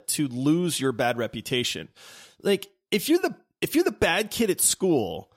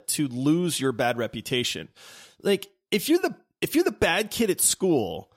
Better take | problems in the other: neither | none

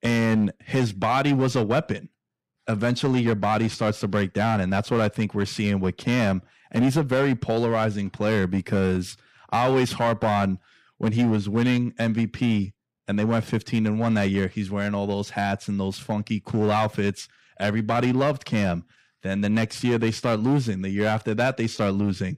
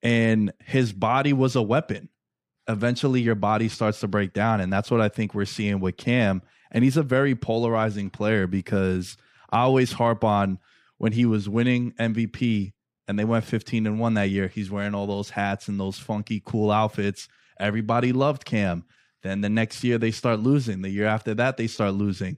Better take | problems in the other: second | distortion; slight; 6% of the sound clipped

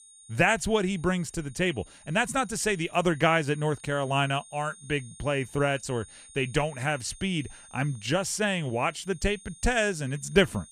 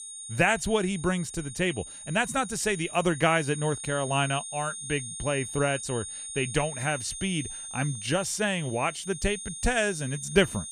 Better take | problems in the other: first | high-pitched whine; loud; throughout; 9 kHz, 9 dB below the speech; faint in the first

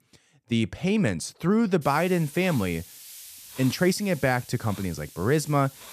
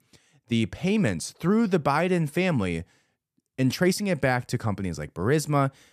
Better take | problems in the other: second | hiss; noticeable; from 2 s on; 15 dB below the speech

